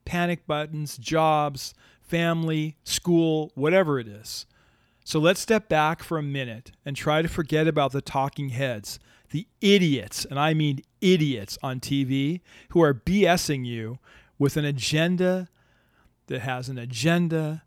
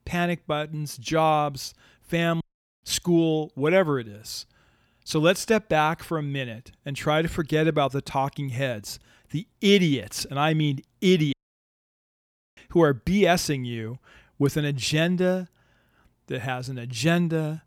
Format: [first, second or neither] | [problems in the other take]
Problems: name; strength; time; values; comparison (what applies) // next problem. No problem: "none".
first | audio cutting out; at 2.5 s and at 11 s for 1 s